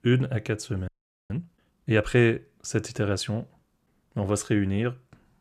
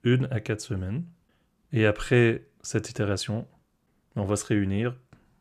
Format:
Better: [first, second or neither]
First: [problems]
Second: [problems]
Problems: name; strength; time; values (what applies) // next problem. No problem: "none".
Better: second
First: audio freezing; at 1 s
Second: none